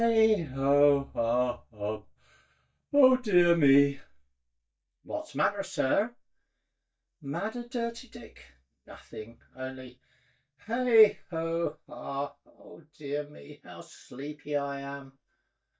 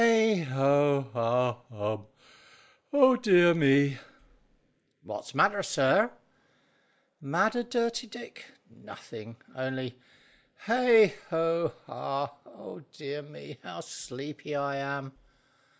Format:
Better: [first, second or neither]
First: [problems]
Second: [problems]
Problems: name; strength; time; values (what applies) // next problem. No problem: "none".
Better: second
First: noise reduction (neural mask model DeepFilterNet 3)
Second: none